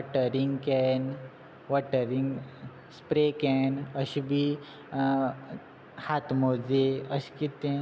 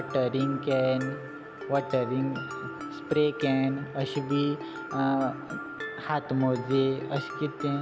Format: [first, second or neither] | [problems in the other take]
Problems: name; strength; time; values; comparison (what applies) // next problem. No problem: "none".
first | background sound (Mallet percussion); 10 dB below the speech